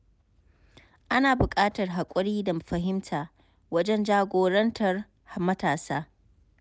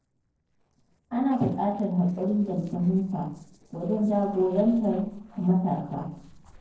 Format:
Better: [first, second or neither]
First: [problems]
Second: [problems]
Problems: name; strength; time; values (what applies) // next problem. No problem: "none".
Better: first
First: none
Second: noise reduction (neural separator model SepFormer DNS4)